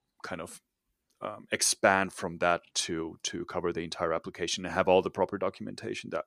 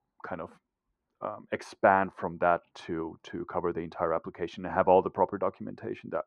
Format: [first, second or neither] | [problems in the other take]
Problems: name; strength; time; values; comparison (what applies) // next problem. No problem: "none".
first | muffled; very; fading above 3.5 kHz